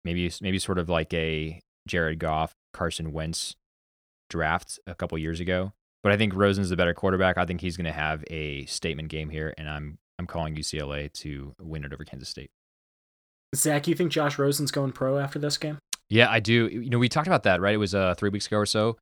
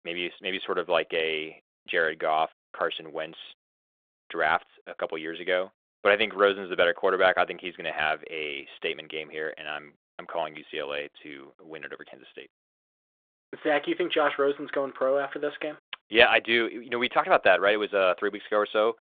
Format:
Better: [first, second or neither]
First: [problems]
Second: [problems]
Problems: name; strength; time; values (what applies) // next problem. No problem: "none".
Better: first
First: none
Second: phone-call audio